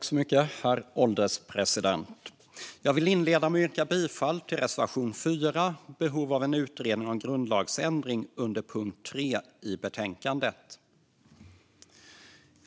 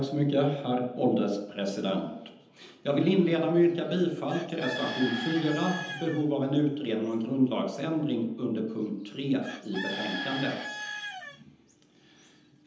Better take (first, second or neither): first